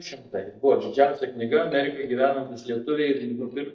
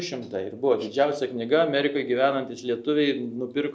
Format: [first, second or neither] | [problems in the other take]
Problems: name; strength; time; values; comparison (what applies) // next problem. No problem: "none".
second | noise reduction (neural mask model DeepFilterNet 3)